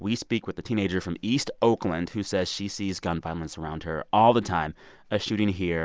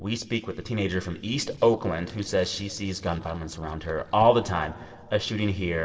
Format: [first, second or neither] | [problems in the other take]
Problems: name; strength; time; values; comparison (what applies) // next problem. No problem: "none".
first | noise reduction (neural separator model SepFormer DNS4)